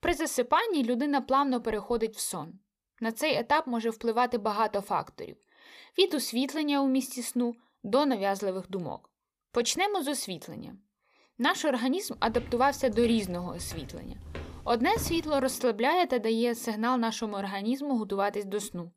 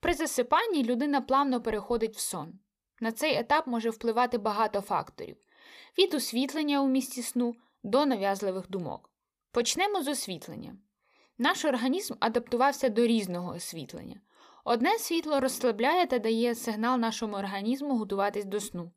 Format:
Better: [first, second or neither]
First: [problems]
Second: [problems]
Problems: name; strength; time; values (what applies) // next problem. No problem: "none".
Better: second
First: footsteps; noticeable; from 12 to 15 s; peak 10 dB below the speech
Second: none